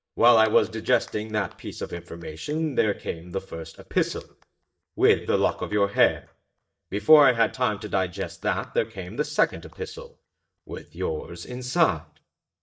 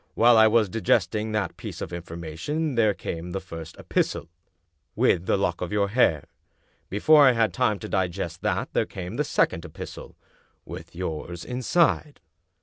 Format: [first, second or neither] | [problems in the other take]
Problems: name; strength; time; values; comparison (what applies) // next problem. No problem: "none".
second | noise reduction (neural mask model DeepFilterNet 3)